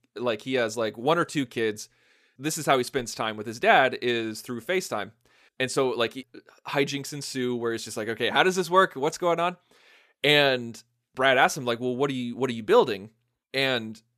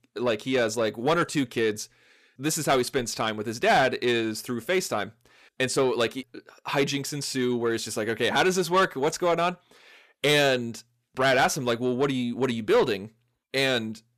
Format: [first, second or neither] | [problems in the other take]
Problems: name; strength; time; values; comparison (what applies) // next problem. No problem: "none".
first | distortion; slight; 10 dB below the speech